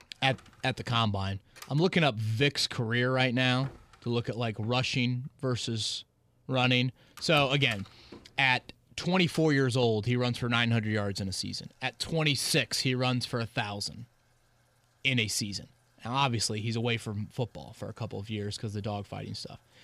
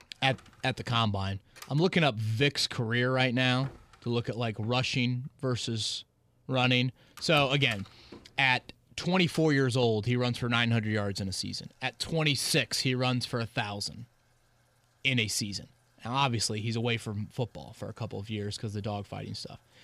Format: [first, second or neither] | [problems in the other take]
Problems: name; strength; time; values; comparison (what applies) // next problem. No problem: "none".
neither | household noises; faint; throughout; 25 dB below the speech; the same in both